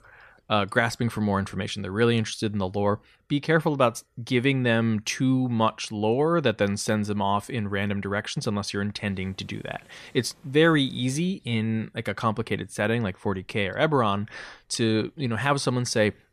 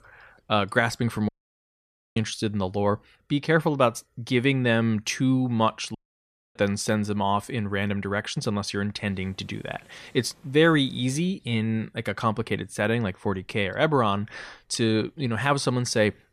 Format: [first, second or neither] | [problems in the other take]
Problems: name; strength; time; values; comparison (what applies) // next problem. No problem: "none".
first | audio cutting out; at 1.5 s for 1 s and at 6 s for 0.5 s